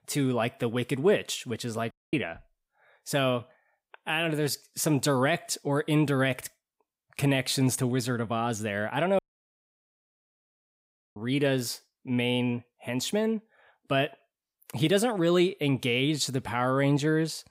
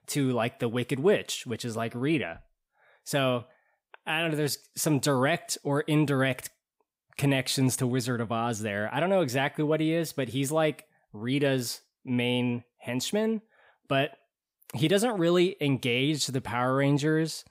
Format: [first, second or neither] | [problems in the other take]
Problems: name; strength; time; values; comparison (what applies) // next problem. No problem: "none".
second | audio cutting out; at 2 s and at 9 s for 2 s